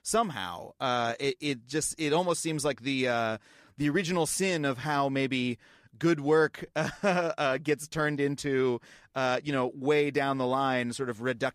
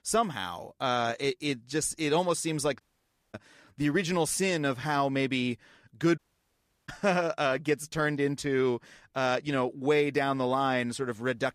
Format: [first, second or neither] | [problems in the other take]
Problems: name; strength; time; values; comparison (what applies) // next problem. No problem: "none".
first | audio cutting out; at 3 s for 0.5 s and at 6 s for 0.5 s